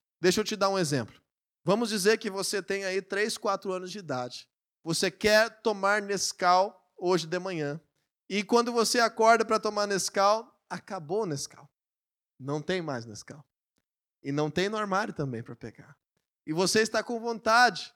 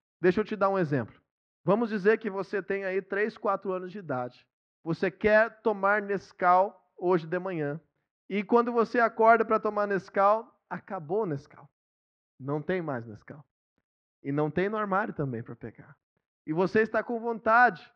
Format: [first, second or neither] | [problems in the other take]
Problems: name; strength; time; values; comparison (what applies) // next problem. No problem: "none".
first | muffled; very; fading above 2 kHz